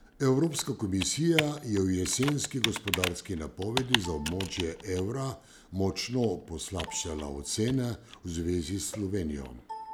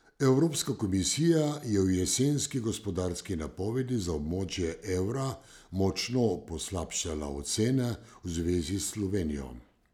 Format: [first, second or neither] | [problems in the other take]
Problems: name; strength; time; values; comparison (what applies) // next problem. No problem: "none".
second | background sound (Computer keyboard); 8 dB below the speech